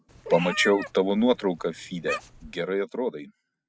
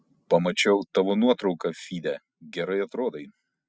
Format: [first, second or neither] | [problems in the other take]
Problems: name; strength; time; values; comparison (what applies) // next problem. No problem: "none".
second | background sound (Meow); 10 dB below the speech